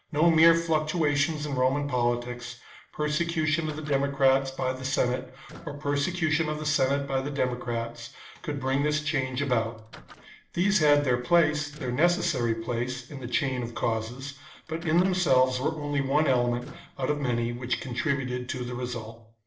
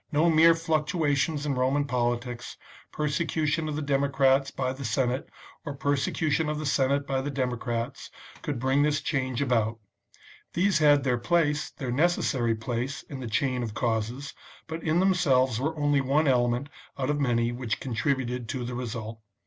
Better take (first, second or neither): second